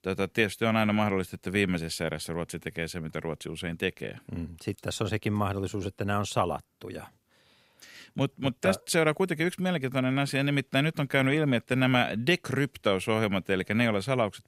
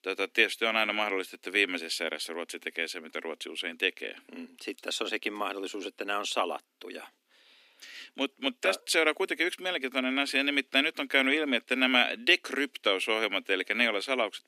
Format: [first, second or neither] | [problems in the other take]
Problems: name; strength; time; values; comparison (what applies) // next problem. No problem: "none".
first | thin; very slightly; fading below 250 Hz